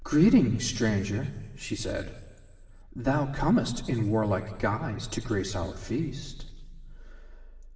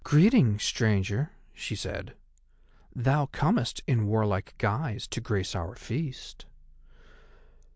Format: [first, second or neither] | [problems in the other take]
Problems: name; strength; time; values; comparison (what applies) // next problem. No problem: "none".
second | room echo; dies away in 1.6 s